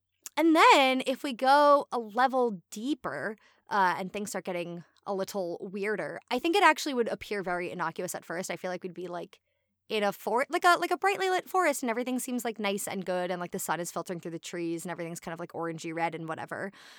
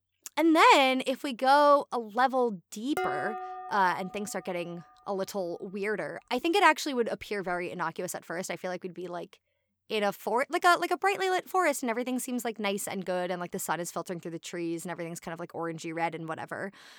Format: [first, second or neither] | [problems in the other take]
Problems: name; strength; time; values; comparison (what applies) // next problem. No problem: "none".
first | clattering dishes; noticeable; from 3 to 4 s; peak 4 dB below the speech